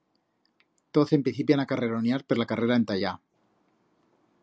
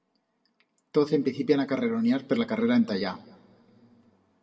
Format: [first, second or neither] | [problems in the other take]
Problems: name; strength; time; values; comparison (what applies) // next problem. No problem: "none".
first | room echo; dies away in 1.1 s